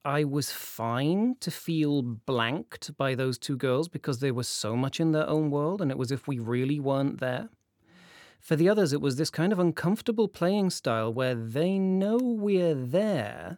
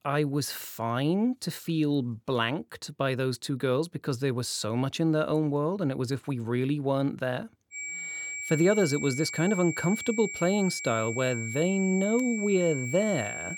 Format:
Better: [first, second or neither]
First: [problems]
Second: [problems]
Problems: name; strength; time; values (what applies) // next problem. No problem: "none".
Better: first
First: none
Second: high-pitched whine; loud; from 7.5 s on; 2.5 kHz, 7 dB below the speech